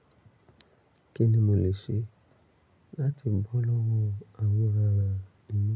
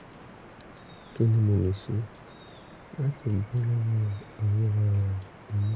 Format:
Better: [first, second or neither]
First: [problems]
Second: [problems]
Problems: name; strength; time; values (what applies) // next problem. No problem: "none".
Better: first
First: none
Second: background sound (Drip); 20 dB below the speech